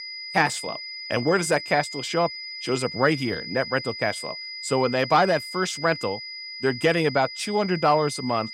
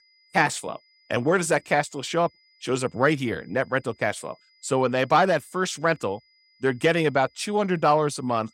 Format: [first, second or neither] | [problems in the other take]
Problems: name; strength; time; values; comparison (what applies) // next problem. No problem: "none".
second | high-pitched whine; loud; throughout; 5 kHz, 9 dB below the speech; faint in the second